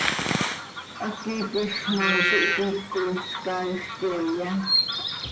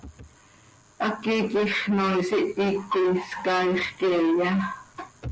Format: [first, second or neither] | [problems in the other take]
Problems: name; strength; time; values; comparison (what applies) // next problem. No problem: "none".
second | background sound (Bird vocalization, bird call, bird song); 1 dB above the speech // room echo; dies away in 0.8 s